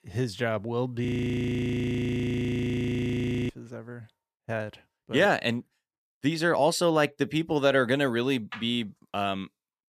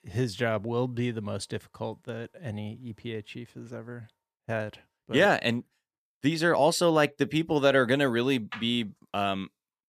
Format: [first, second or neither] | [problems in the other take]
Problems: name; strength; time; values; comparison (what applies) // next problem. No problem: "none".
second | audio freezing; at 1 s for 2.5 s